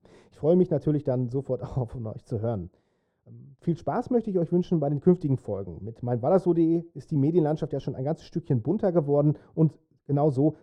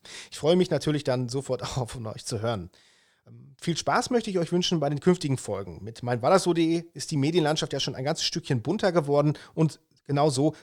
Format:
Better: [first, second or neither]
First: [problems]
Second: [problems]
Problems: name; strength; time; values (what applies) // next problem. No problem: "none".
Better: second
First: muffled; very; fading above 1 kHz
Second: none